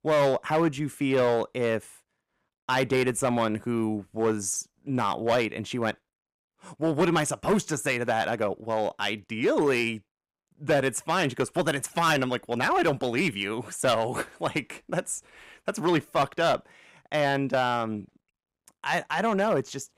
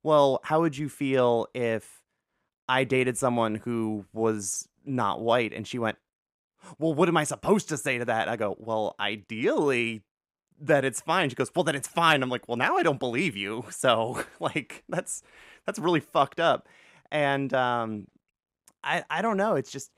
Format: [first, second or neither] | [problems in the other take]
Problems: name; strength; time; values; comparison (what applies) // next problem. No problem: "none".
second | distortion; slight; 4% of the sound clipped